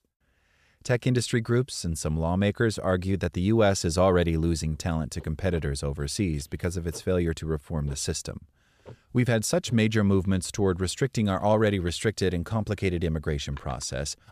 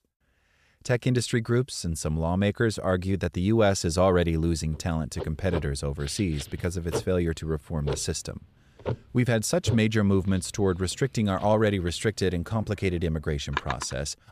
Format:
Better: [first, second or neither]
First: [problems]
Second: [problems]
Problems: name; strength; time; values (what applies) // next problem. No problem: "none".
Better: first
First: household noises; faint; from 5 s on; 25 dB below the speech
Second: household noises; loud; from 5 s on; 10 dB below the speech